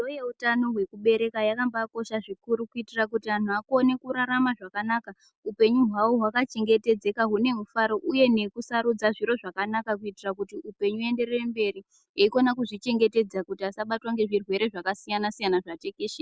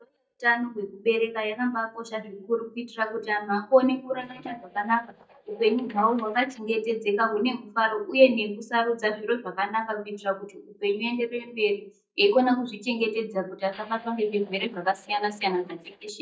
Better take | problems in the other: first | noise reduction (neural mask model DeepFilterNet 3)

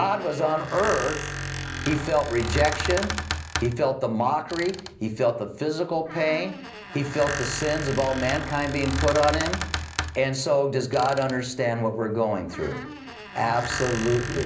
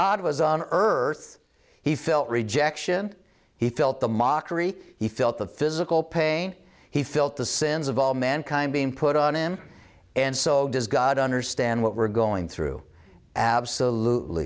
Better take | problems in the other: second | background sound (Squeak); 7 dB below the speech // room echo; dies away in 0.5 s

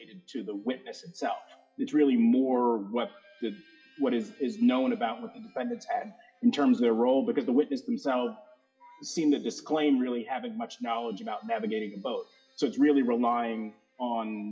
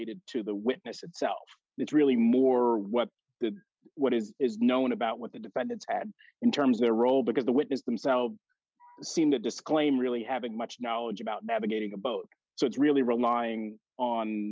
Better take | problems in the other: second | noise reduction (classical method WPE with log-MMSE)

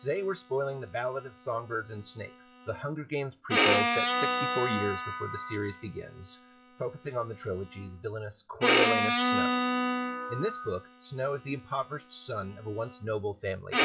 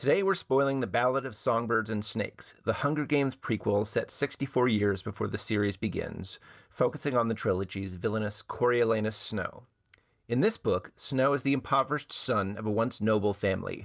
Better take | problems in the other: second | noise reduction (classical method log-MMSE)

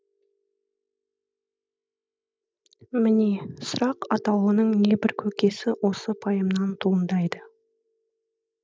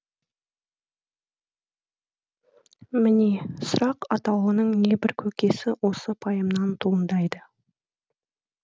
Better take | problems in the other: second | noise reduction (neural mask model DeepFilterNet 3)

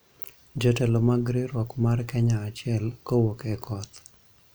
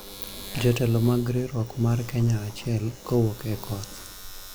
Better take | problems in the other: first | background sound (Domestic sounds, home sounds + Engine); 14 dB below the speech

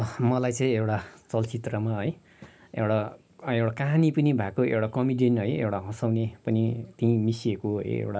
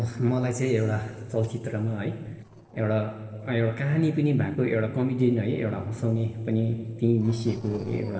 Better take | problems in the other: first | noise reduction (neural separator model SepFormer DNS4)

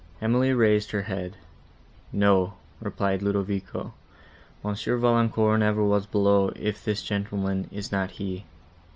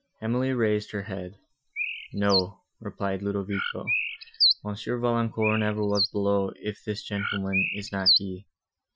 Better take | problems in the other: first | noise reduction (classical method Wiener filter)

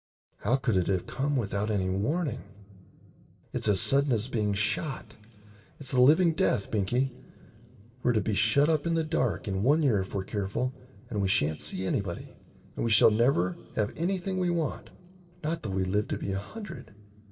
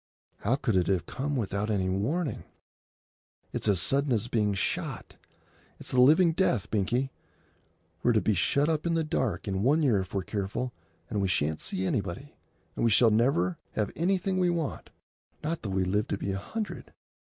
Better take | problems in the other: second | room echo; dies away in 2.8 s

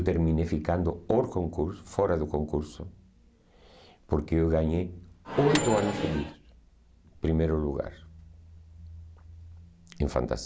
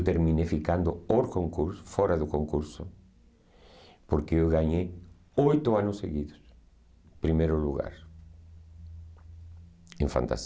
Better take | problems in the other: second | background sound (Microwave oven); 2 dB below the speech

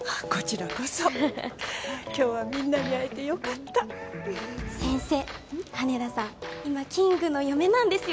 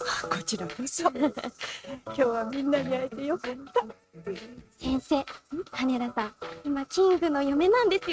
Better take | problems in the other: first | noise reduction (neural mask model RNNoise)

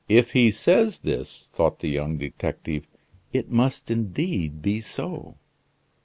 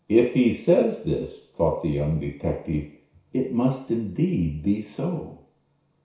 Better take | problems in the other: first | room echo; dies away in 0.6 s

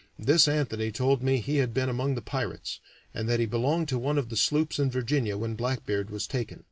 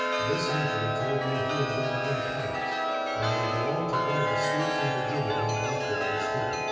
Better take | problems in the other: first | background sound (Chime); 4 dB above the speech // room echo; dies away in 1.2 s

